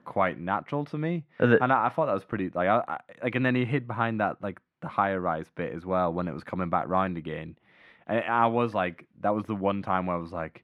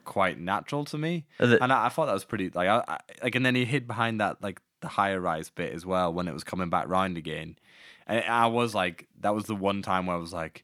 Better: second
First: muffled; very; fading above 3.5 kHz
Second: none

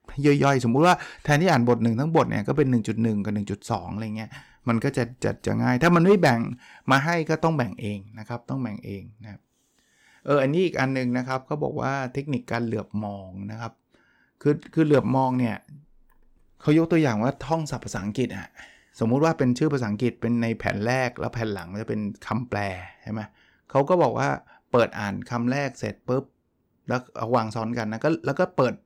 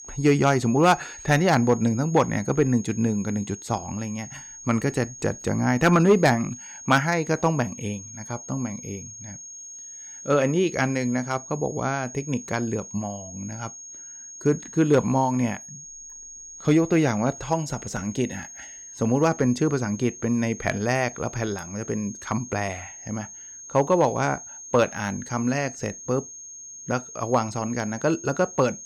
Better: first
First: none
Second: high-pitched whine; noticeable; throughout; 6.5 kHz, 15 dB below the speech

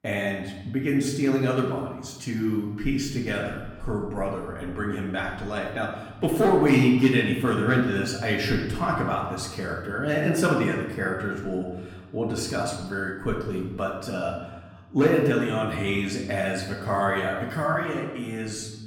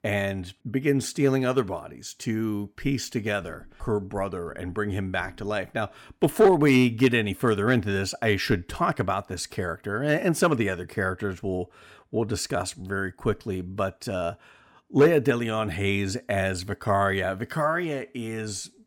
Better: second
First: room echo; noticeable; dies away in 1 s // off-mic speech; far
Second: none

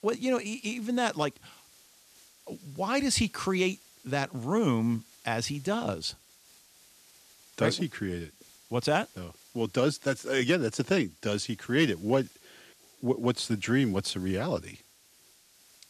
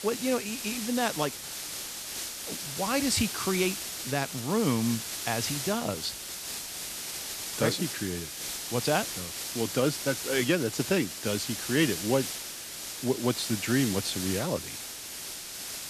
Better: first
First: hiss; faint; throughout; 25 dB below the speech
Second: hiss; loud; throughout; 4 dB below the speech

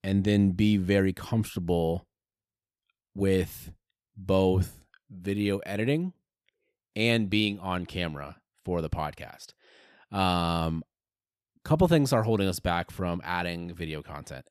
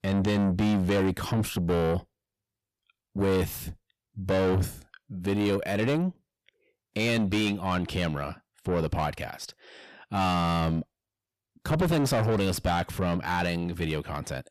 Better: first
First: none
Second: distortion; heavy; 6 dB below the speech

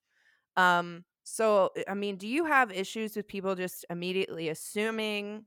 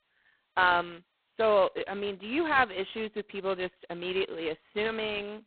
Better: first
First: none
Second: phone-call audio; poor line; nothing above 4 kHz

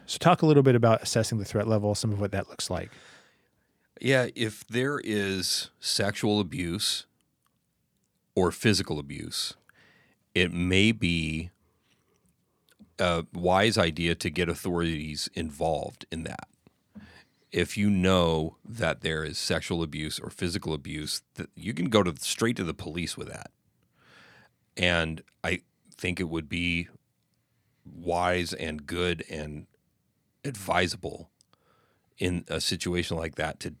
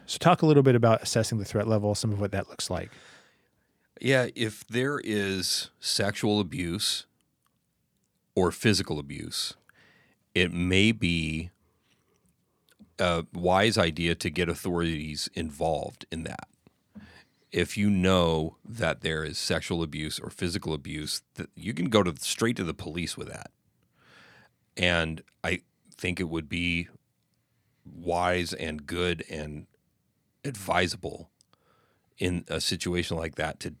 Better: neither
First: none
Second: none

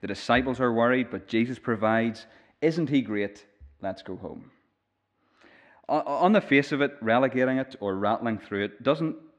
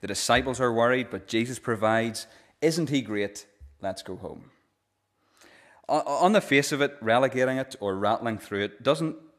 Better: second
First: muffled; slightly; fading above 3 kHz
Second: none

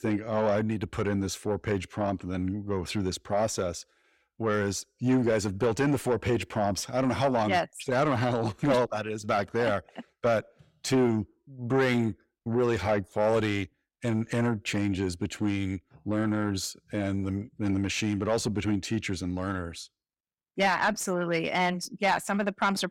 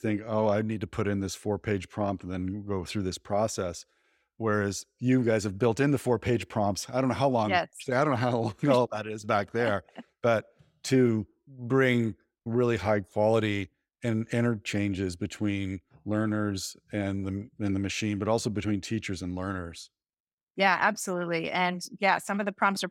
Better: second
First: distortion; slight; 10 dB below the speech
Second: none

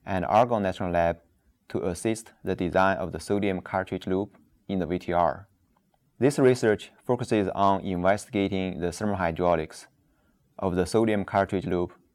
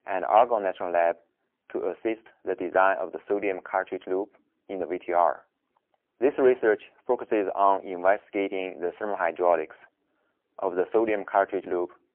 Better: first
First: none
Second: phone-call audio; poor line

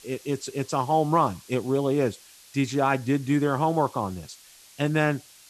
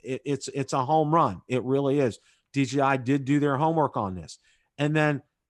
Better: second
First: hiss; faint; throughout; 25 dB below the speech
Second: none

